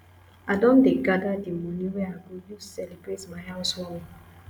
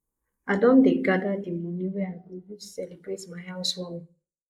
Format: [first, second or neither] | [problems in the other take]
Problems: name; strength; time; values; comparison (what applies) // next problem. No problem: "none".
first | noise reduction (neural mask model Resemble Enhance denoiser)